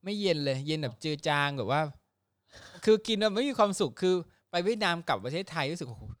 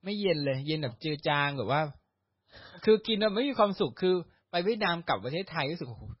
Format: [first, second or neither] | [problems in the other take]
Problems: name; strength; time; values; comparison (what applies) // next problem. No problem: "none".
first | garbled, watery; badly; nothing above 5.5 kHz